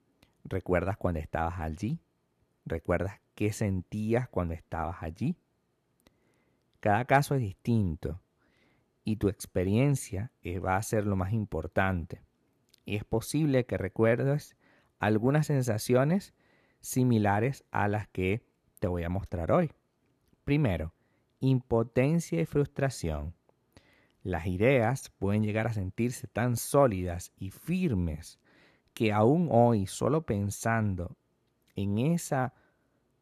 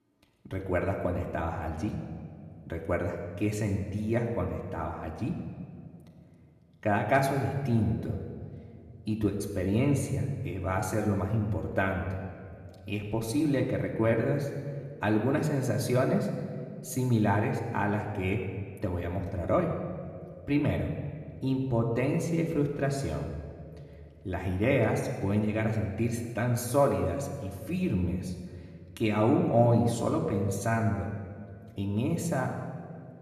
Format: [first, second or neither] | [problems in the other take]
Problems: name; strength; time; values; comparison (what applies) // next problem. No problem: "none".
first | room echo; slight; dies away in 1.4 s // off-mic speech; somewhat distant